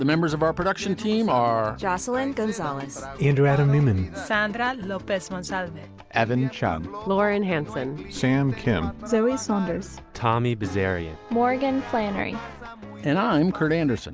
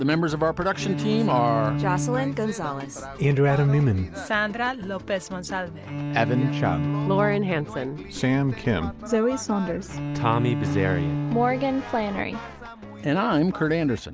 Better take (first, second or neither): first